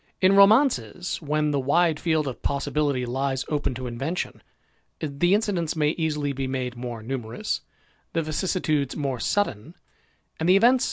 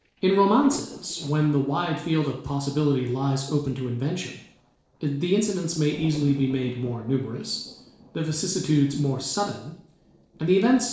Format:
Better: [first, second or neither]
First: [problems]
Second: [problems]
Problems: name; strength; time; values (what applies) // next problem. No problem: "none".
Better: first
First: none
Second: noise reduction (neural separator model SepFormer DNS4)